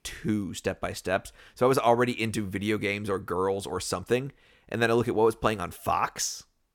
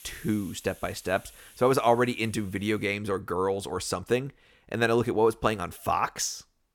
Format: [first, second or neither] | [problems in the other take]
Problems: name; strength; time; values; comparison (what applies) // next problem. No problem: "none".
first | hiss; faint; until 3 s; 25 dB below the speech